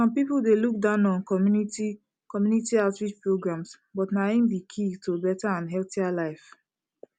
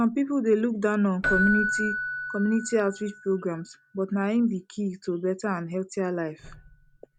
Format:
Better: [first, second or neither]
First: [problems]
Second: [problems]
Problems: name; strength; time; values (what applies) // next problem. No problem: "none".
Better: first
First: none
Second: background sound (Keyboard (musical)); 7 dB below the speech